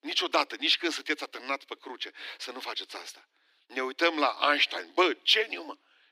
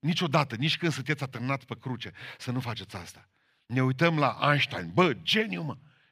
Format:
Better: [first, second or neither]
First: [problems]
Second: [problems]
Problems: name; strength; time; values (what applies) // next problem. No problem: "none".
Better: second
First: thin; somewhat; fading below 300 Hz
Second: none